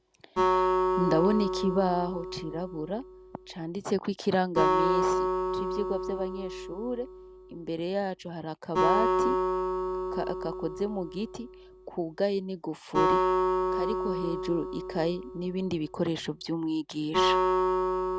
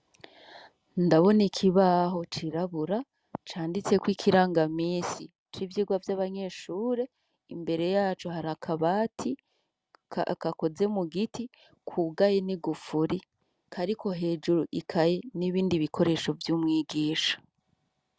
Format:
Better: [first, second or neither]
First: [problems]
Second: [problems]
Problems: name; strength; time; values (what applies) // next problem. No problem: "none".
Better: second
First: background sound (Acoustic guitar); 2 dB above the speech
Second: none